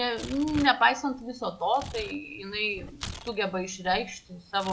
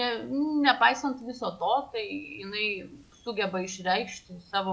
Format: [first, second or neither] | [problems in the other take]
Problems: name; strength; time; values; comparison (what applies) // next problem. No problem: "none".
second | background sound (Tearing); 15 dB below the speech